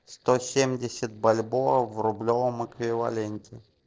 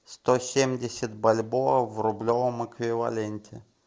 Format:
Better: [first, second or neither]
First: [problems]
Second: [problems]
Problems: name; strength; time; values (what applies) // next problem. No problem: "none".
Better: second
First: noise reduction (neural separator model SepFormer DNS4)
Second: none